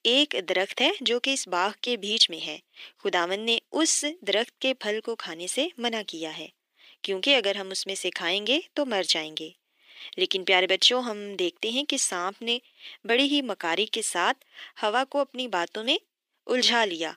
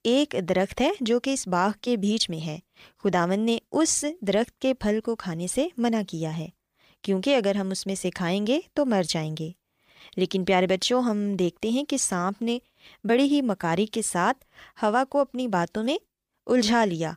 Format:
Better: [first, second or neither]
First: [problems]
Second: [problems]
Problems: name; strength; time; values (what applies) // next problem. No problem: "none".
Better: second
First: thin; very slightly; fading below 300 Hz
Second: none